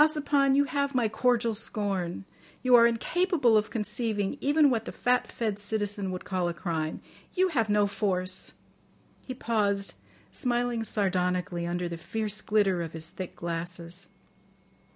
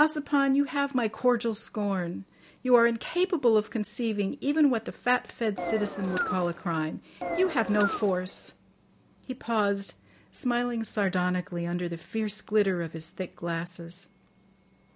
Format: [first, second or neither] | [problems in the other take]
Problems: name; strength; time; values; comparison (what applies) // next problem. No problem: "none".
first | background sound (Engine); 6 dB below the speech